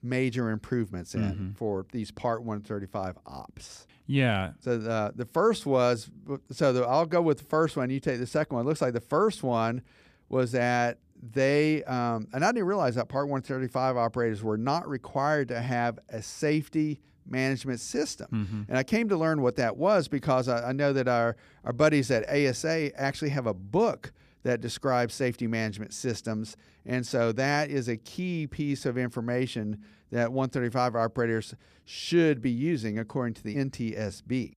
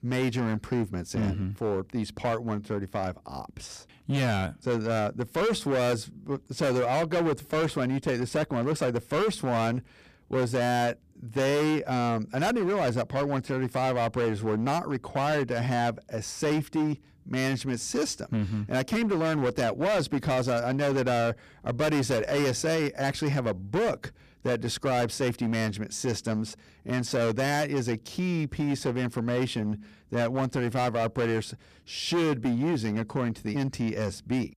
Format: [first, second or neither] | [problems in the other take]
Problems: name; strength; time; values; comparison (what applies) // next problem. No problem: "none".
first | distortion; heavy; 17% of the sound clipped